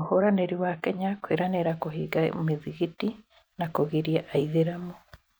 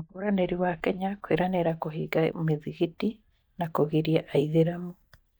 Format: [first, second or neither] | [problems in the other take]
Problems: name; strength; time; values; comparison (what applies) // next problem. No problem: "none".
first | noise reduction (neural mask model DeepFilterNet 3)